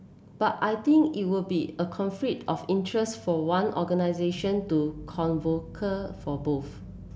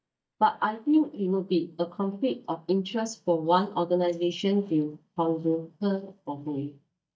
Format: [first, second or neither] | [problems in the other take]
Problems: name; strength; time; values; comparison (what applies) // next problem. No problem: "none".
first | noise reduction (neural mask model DeepFilterNet 3)